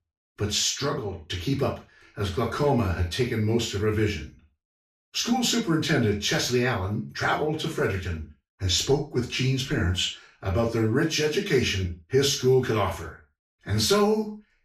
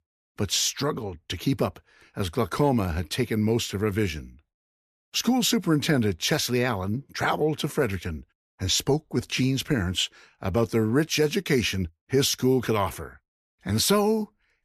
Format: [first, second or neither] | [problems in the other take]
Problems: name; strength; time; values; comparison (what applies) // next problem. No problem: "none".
second | room echo; noticeable; dies away in 0.3 s // off-mic speech; far